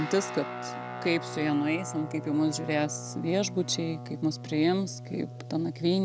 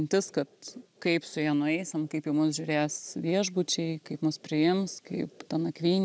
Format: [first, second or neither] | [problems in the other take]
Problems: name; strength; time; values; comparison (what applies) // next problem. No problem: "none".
second | background sound (Guitar); 10 dB below the speech